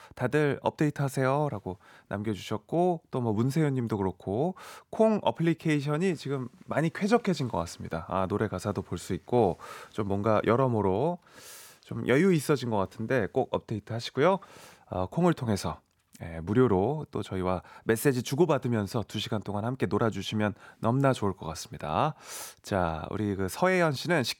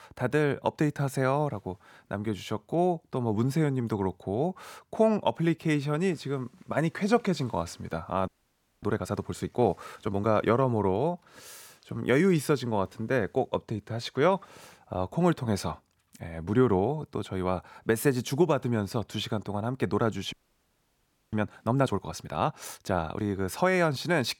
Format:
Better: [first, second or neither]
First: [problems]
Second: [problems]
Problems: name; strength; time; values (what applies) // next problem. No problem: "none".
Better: first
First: none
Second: audio freezing; at 8.5 s for 0.5 s and at 20 s for 1 s